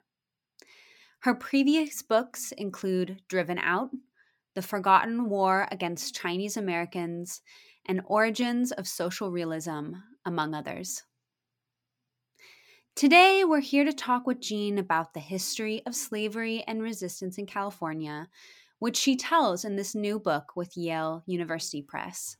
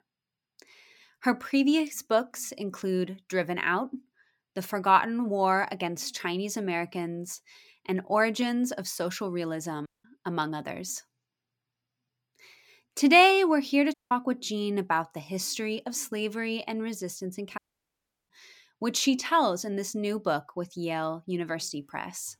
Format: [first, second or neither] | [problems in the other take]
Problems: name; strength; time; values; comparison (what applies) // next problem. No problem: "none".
first | audio cutting out; at 10 s, at 14 s and at 18 s for 0.5 s